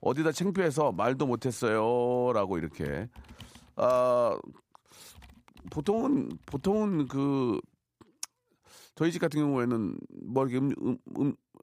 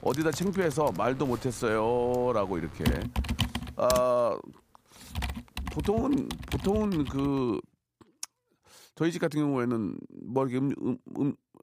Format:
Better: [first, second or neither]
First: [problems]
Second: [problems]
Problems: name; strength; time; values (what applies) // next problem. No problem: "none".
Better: first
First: household noises; faint; until 7 s; 30 dB below the speech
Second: household noises; loud; until 7 s; 8 dB below the speech